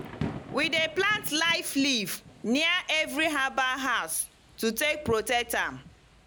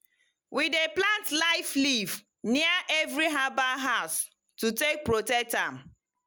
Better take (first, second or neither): second